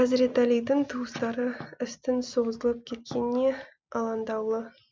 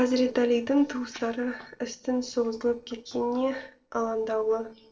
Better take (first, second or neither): first